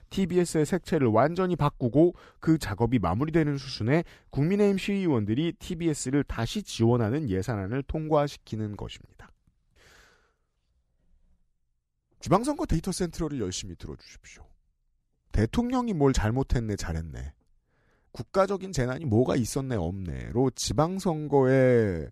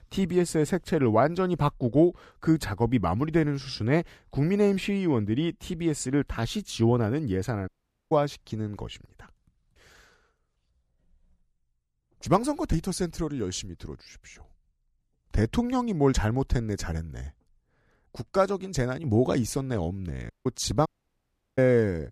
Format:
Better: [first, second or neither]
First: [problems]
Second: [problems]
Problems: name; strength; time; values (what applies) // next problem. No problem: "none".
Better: first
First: none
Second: audio cutting out; at 7.5 s, at 20 s and at 21 s for 0.5 s